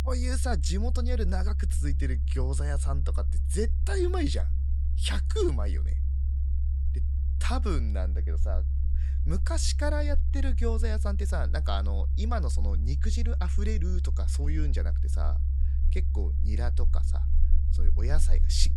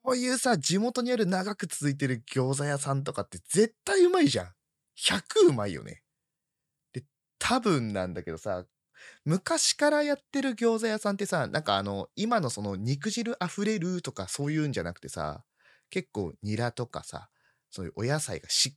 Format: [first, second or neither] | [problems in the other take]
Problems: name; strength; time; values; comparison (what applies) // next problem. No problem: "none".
second | low rumble; noticeable; throughout; 10 dB below the speech